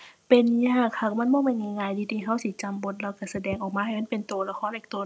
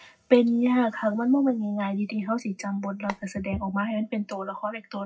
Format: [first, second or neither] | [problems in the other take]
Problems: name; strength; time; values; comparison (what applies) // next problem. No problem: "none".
first | noise reduction (classical method WPE with log-MMSE)